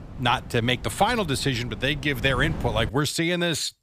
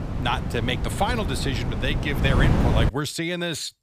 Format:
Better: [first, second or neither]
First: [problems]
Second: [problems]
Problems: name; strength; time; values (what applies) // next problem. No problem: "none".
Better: first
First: wind noise on the microphone; occasional gusts; until 3 s; 20 dB below the speech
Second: wind noise on the microphone; heavy; until 3 s; 5 dB below the speech